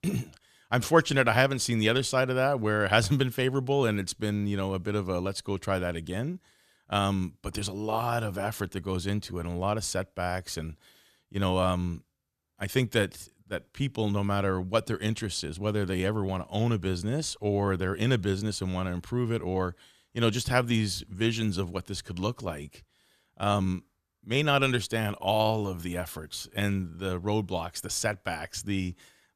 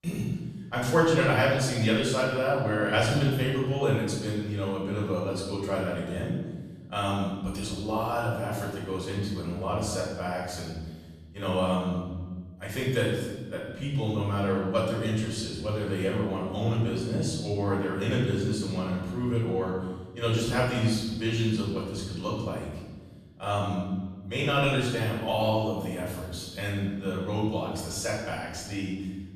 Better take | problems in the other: first | off-mic speech; far // room echo; noticeable; dies away in 1.2 s

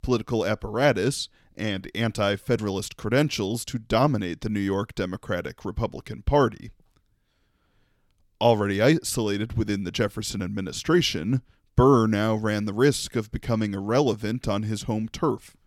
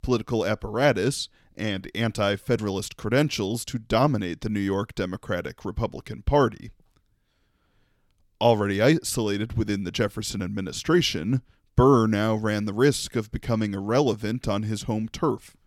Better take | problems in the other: neither | none

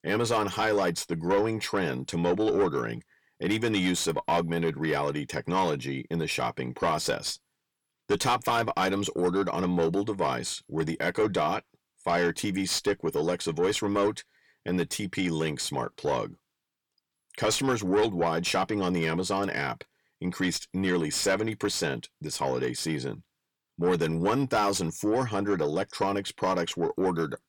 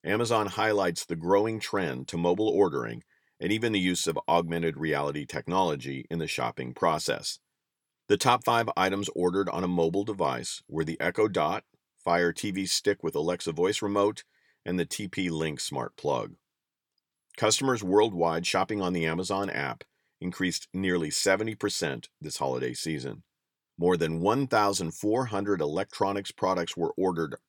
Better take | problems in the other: second | distortion; slight; 10 dB below the speech

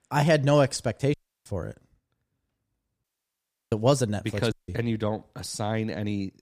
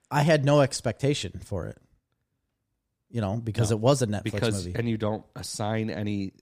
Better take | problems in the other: second | audio cutting out; at 1 s, at 3 s for 0.5 s and at 4.5 s

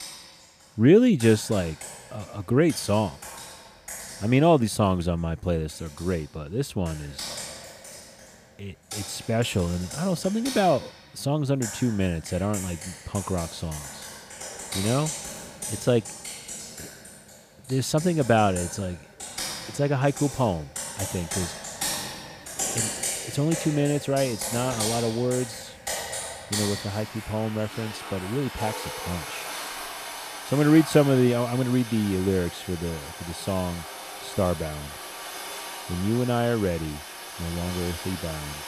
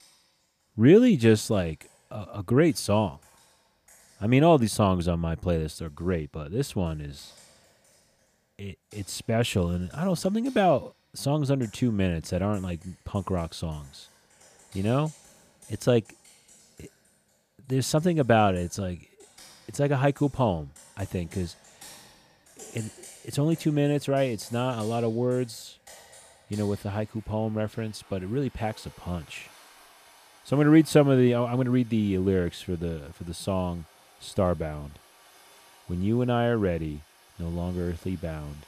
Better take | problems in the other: second | household noises; loud; throughout; 9 dB below the speech; faint in the second

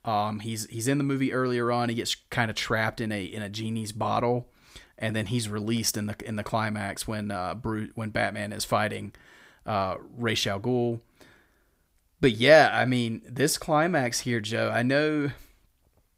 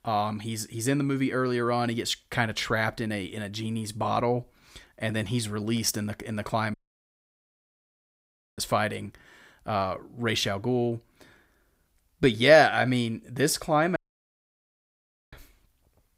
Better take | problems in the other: first | audio cutting out; at 6.5 s for 2 s and at 14 s for 1.5 s

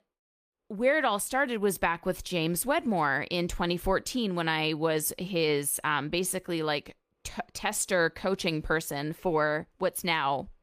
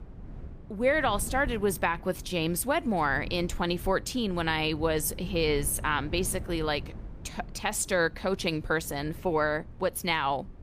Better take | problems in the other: first | wind noise on the microphone; occasional gusts; 25 dB below the speech

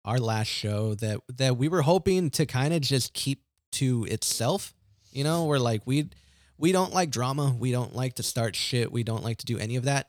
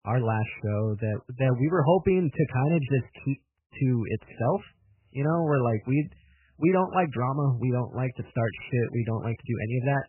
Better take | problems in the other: first | garbled, watery; badly; nothing above 3 kHz

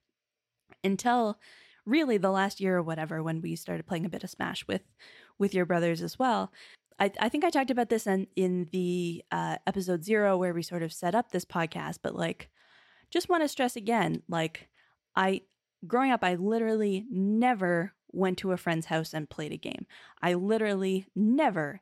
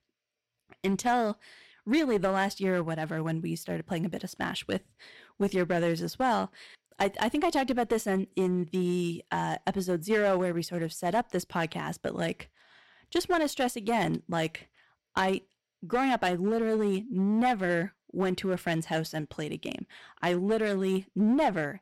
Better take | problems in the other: first | distortion; slight; 5% of the sound clipped

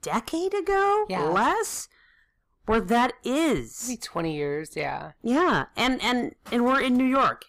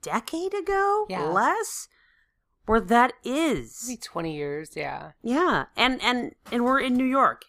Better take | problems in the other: second | distortion; slight; 10 dB below the speech

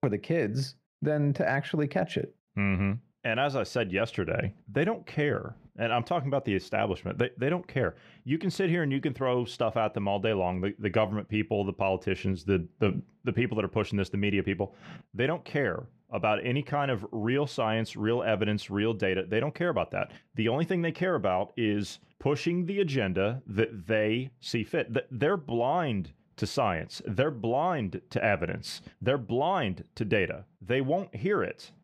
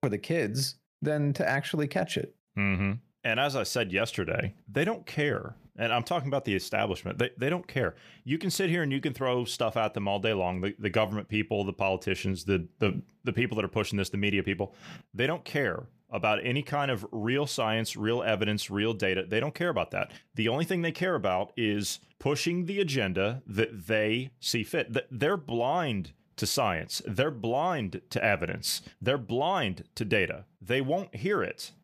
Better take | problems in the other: second | muffled; slightly; fading above 2 kHz

